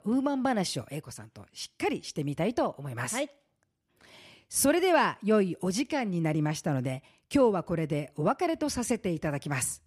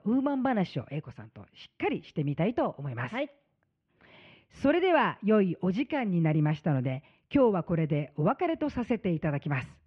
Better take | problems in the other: first | muffled; very; fading above 3 kHz

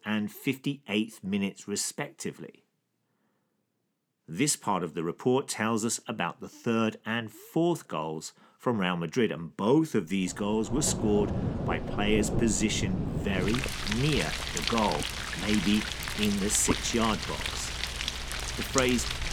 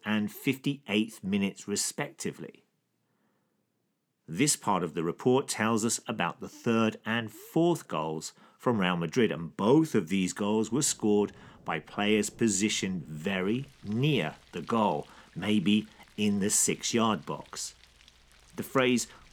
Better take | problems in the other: second | rain or running water; loud; from 11 s on; 3 dB below the speech; faint in the second

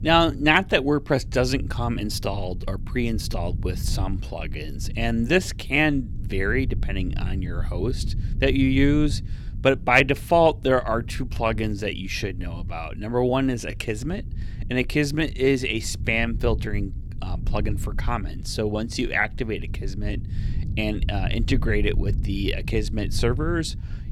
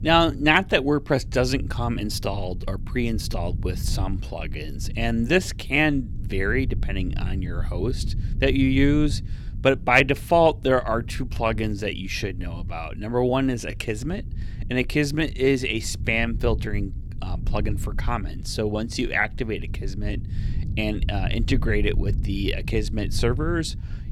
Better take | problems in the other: neither | low rumble; faint; throughout; 20 dB below the speech; the same in both

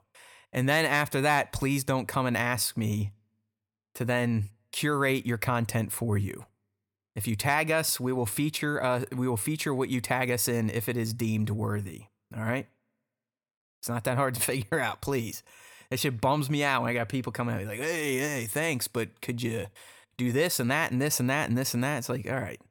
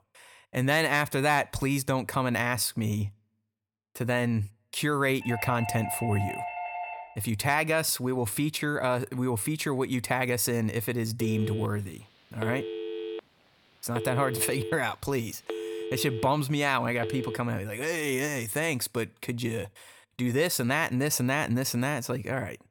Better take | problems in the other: first | doorbell; noticeable; from 5 to 7 s; peak 6 dB below the speech // phone ringing; noticeable; from 11 to 17 s; peak 6 dB below the speech

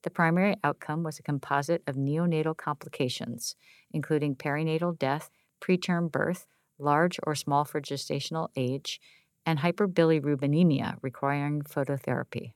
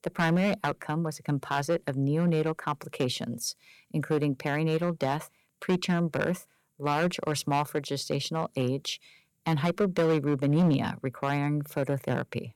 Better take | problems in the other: first | distortion; slight; 4% of the sound clipped

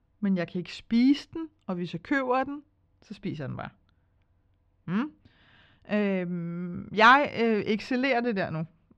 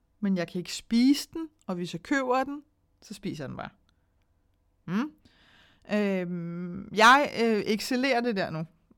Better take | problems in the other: second | muffled; very slightly; fading above 3 kHz

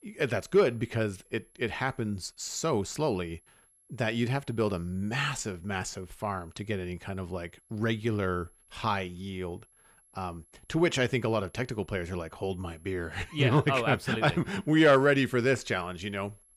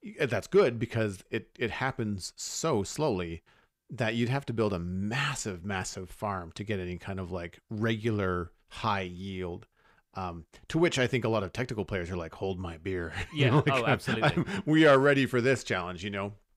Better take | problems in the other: second | high-pitched whine; faint; throughout; 11 kHz, 30 dB below the speech

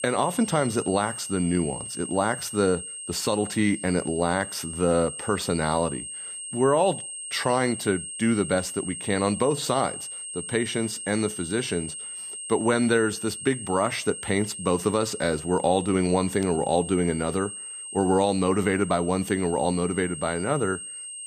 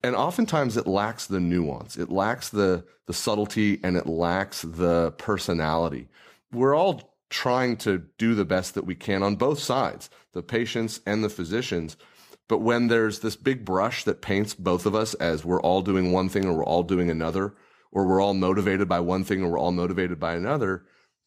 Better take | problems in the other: second | high-pitched whine; loud; throughout; 8.5 kHz, 8 dB below the speech

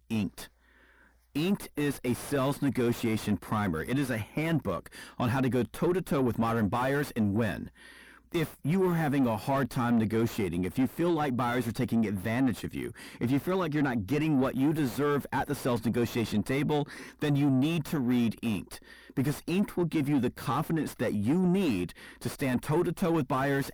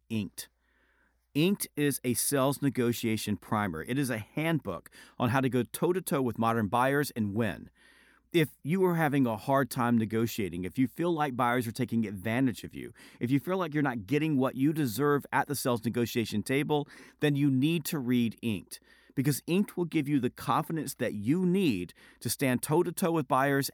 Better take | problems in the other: second | distortion; heavy; 7 dB below the speech

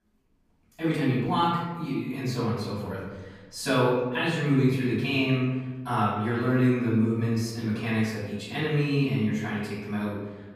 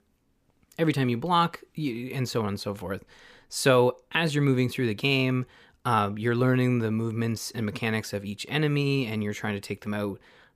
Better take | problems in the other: second | off-mic speech; far // room echo; noticeable; dies away in 1.1 s

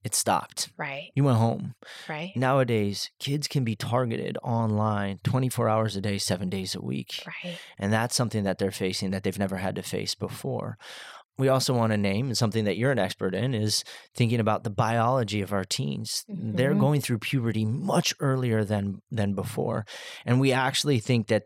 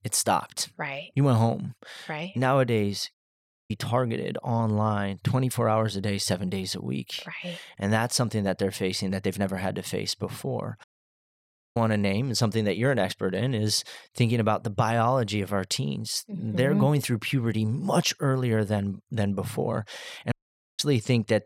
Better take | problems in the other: first | audio cutting out; at 3 s for 0.5 s, at 11 s for 1 s and at 20 s

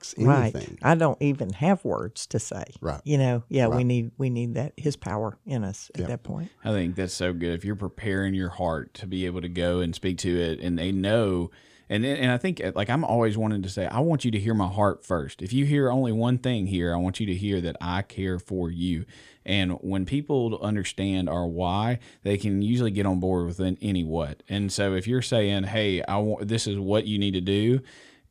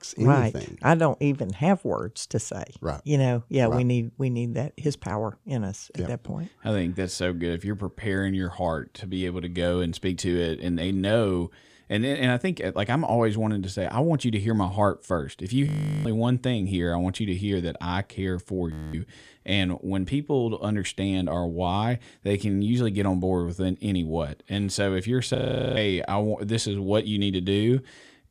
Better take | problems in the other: first | audio freezing; at 16 s, at 19 s and at 25 s

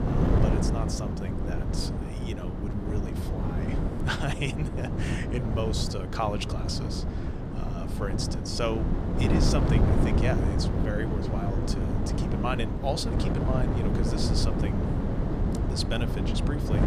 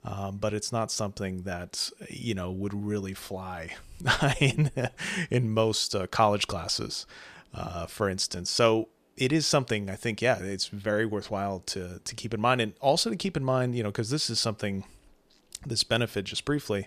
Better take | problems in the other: second | wind noise on the microphone; heavy; 1 dB below the speech

